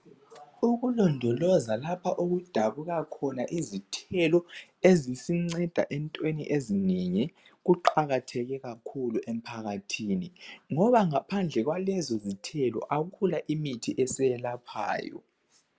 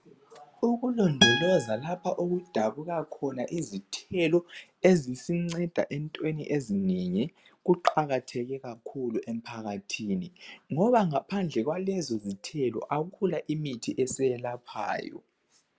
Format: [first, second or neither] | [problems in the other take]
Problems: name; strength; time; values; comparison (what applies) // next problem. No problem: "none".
first | background sound (Acoustic guitar); as loud as the speech